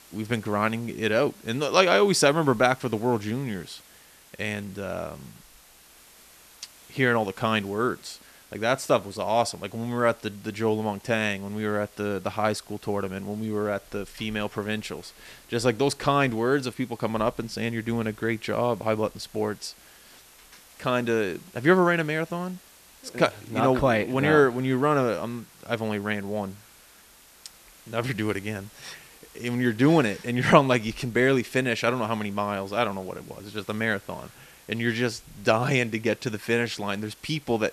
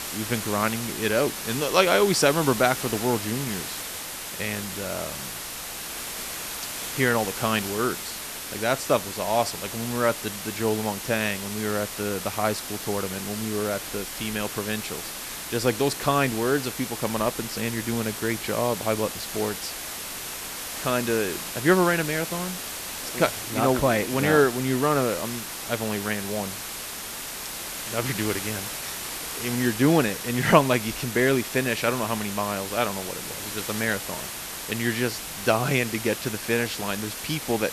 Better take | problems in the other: first | hiss; loud; throughout; 6 dB below the speech; faint in the first

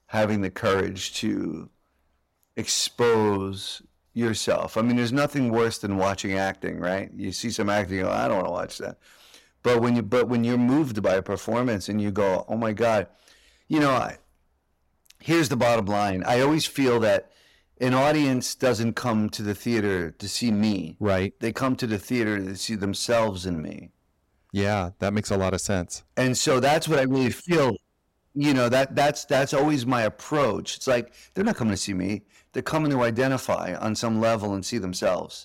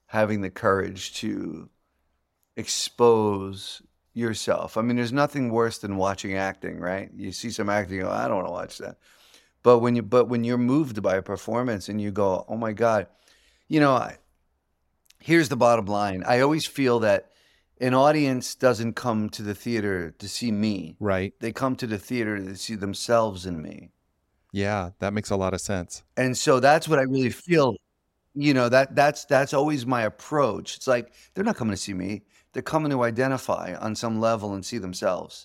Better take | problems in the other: second | distortion; heavy; 8% of the sound clipped

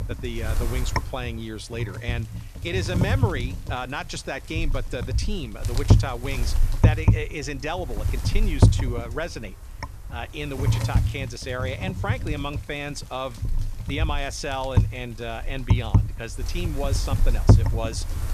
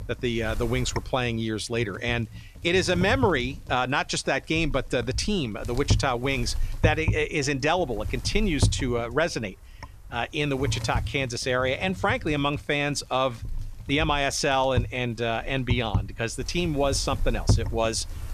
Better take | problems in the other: second | wind noise on the microphone; heavy; 4 dB below the speech; occasional gusts in the second

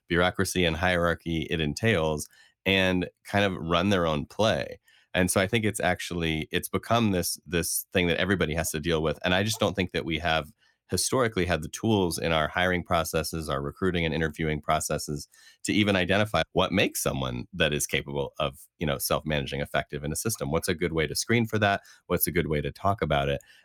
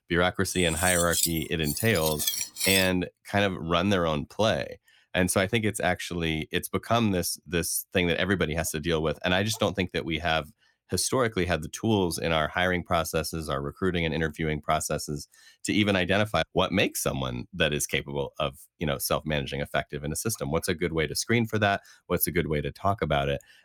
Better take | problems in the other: first | clattering dishes; loud; from 0.5 to 3 s; peak 3 dB above the speech

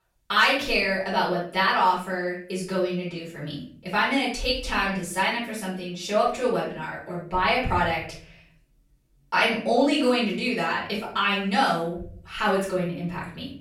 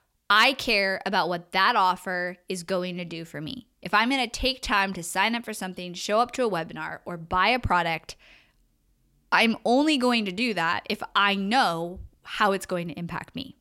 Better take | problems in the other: second | off-mic speech; far // room echo; noticeable; dies away in 0.5 s

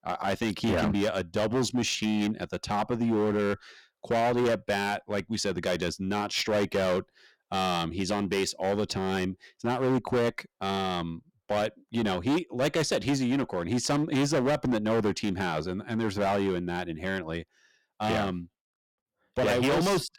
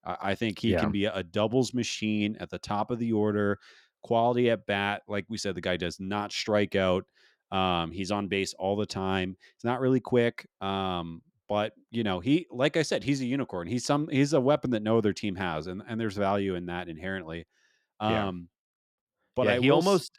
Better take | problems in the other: second | distortion; heavy; 13% of the sound clipped

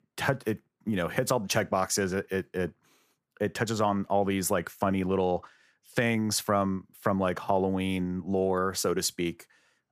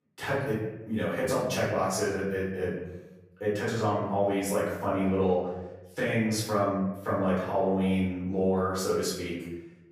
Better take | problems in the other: first | off-mic speech; far // room echo; noticeable; dies away in 1 s

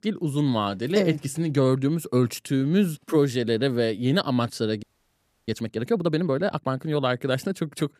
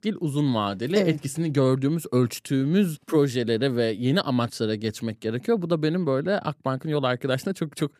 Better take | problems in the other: second | audio freezing; at 5 s for 0.5 s

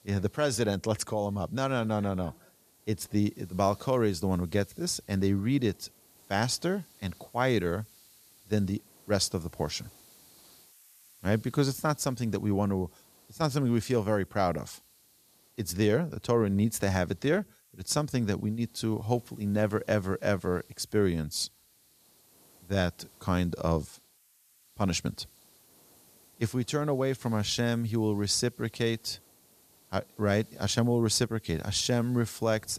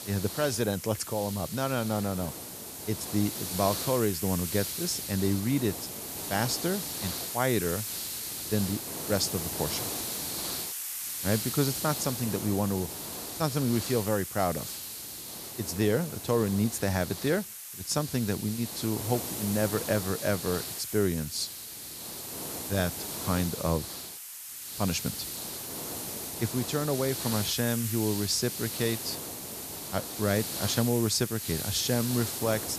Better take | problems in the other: first | hiss; loud; throughout; 4 dB below the speech; faint in the first

